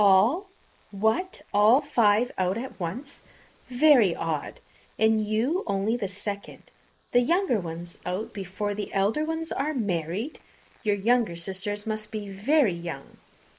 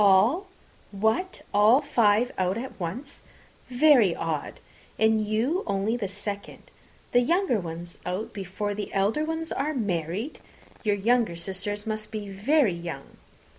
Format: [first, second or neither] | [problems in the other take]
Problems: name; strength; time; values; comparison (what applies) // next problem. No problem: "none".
second | noise reduction (neural mask model Resemble Enhance denoiser)